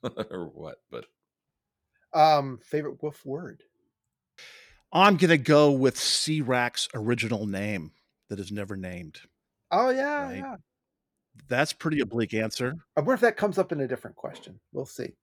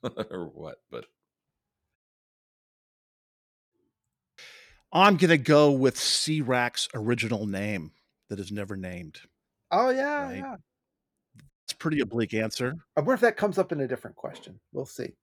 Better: first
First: none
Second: audio cutting out; at 2 s for 2 s and at 12 s

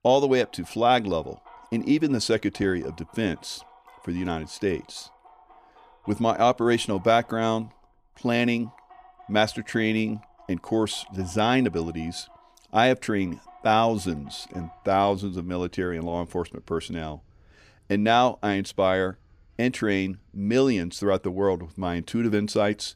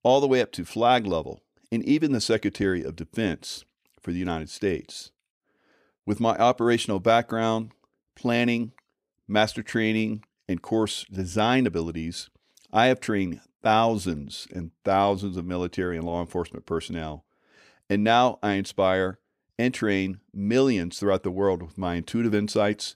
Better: second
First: animal sounds; faint; throughout; 25 dB below the speech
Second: none

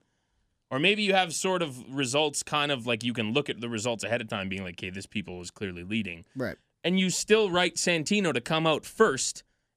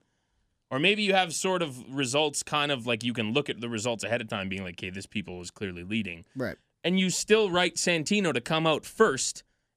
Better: neither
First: none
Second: none

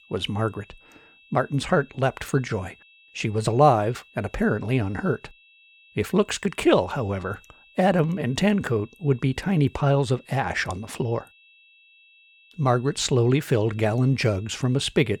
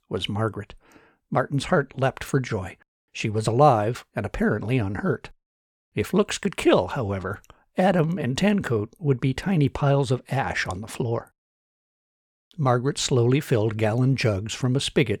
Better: second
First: high-pitched whine; faint; throughout; 2.5 kHz, 30 dB below the speech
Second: none

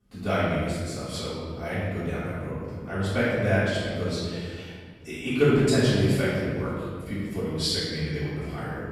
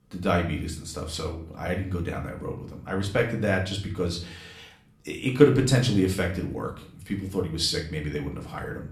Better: second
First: room echo; strong; dies away in 1.7 s // off-mic speech; far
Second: room echo; slight; dies away in 0.4 s // off-mic speech; somewhat distant

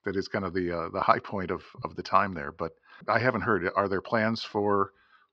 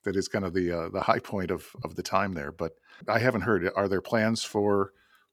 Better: second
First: muffled; very slightly; fading above 5 kHz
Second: none

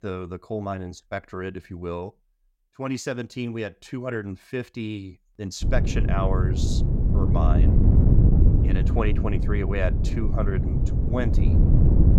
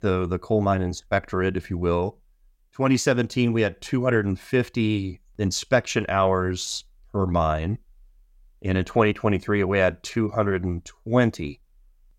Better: second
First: wind noise on the microphone; heavy; from 5.5 s on; 2 dB below the speech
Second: none

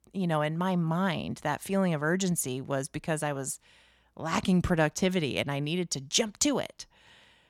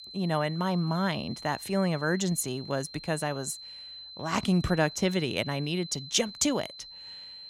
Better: first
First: none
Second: high-pitched whine; noticeable; throughout; 4 kHz, 15 dB below the speech

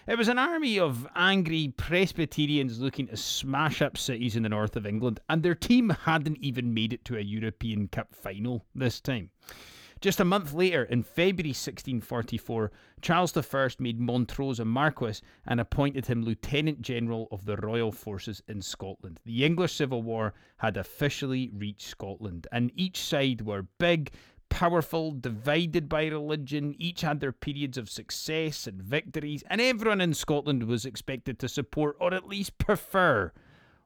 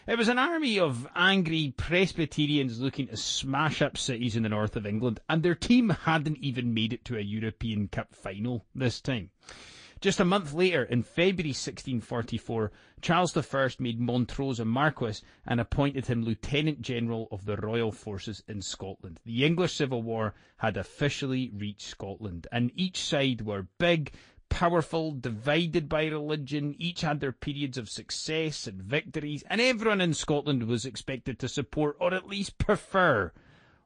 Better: first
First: none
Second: garbled, watery; slightly; nothing above 8.5 kHz

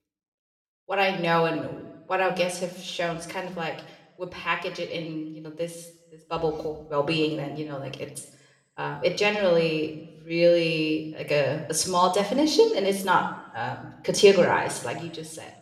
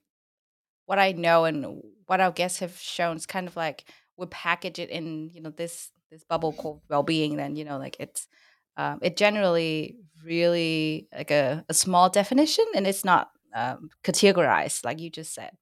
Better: second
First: room echo; slight; dies away in 0.7 s // off-mic speech; somewhat distant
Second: none

